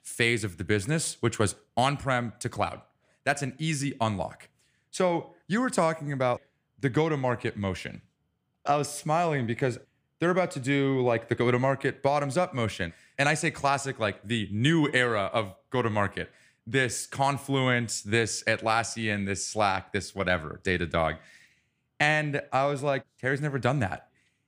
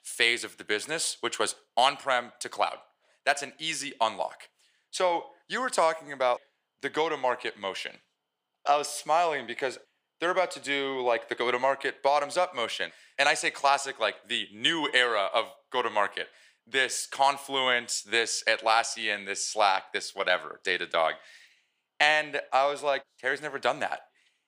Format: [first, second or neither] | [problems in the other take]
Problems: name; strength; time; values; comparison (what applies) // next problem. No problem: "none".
first | thin; very; fading below 600 Hz